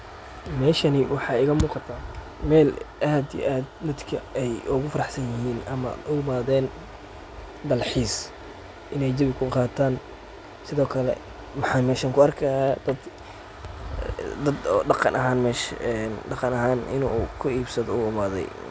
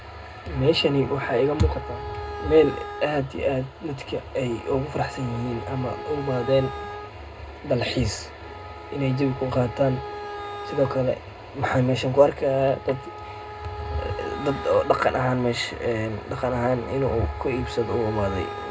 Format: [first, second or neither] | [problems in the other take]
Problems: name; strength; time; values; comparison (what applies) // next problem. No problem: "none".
first | background sound (Wind instrument, woodwind instrument); 14 dB below the speech // room echo; dies away in 0.2 s